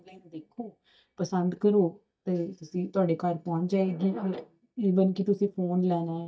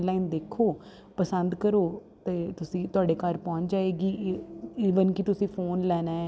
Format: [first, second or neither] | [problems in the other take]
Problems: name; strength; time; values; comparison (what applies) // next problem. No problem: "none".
second | noise reduction (neural mask model DeepFilterNet 3)